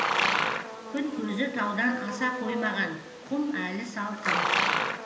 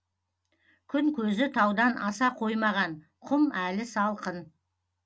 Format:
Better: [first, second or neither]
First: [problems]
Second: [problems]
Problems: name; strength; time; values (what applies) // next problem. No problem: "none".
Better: second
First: background sound (Livestock, farm animals, working animals); 1 dB above the speech // room echo; dies away in 1.4 s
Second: none